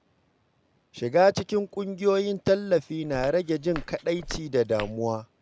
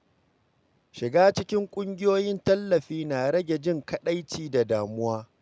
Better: second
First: background sound (Walk, footsteps); 14 dB below the speech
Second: none

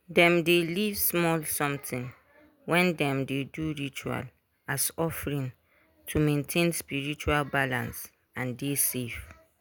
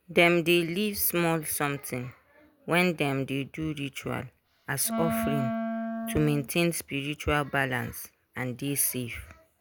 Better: first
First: none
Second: background sound (Wind instrument, woodwind instrument); 3 dB below the speech

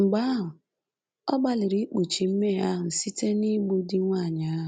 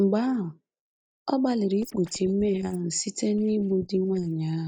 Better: first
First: none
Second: noise reduction (neural mask model DeepFilterNet 3)

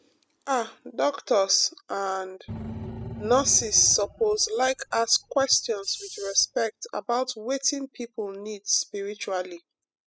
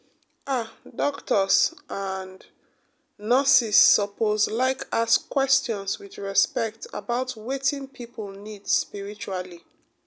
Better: second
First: noise reduction (classical method spectral subtraction)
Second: none

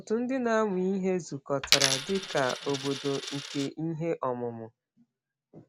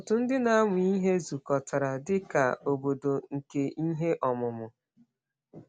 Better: second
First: background sound (Coin (dropping)); 1 dB below the speech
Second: none

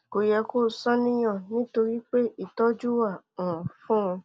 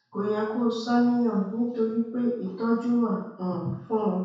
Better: first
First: none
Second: room echo; dies away in 0.6 s

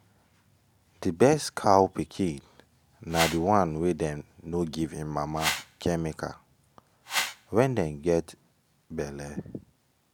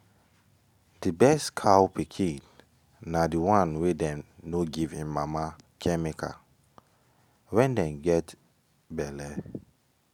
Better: second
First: background sound (Whoosh, swoosh, swish); 4 dB below the speech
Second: none

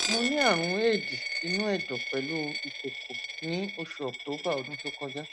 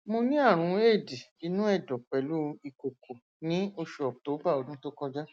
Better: second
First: background sound (Coin (dropping)); 2 dB below the speech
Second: none

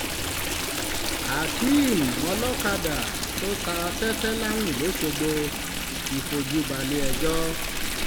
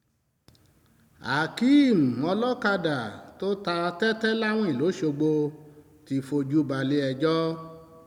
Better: second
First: background sound (Stream); as loud as the speech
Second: none

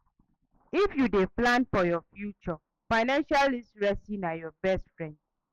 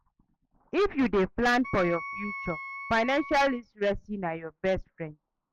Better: first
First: none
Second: background sound (Wind instrument, woodwind instrument); 10 dB below the speech

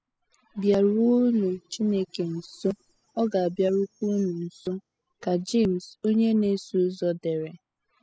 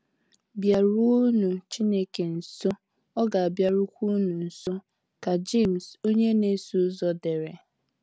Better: second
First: noise reduction (classical method spectral subtraction)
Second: none

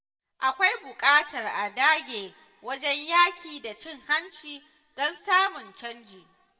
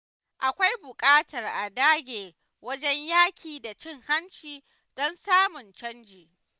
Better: second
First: room echo; dies away in 0.9 s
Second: none

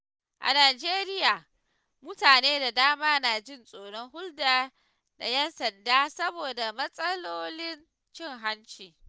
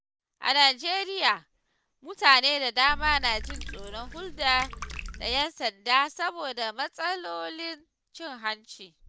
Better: first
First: none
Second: background sound (Water / Liquid); 9 dB below the speech

